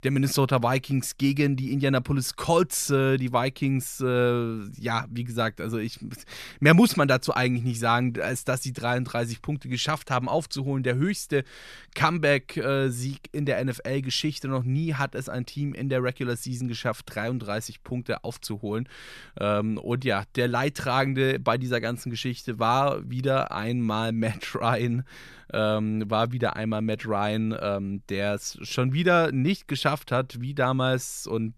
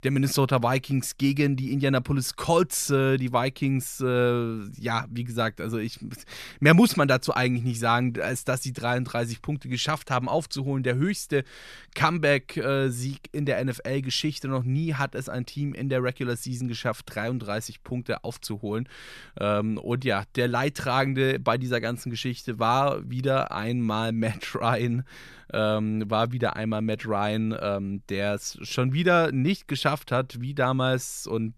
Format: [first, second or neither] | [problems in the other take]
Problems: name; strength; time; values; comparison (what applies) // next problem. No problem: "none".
neither | none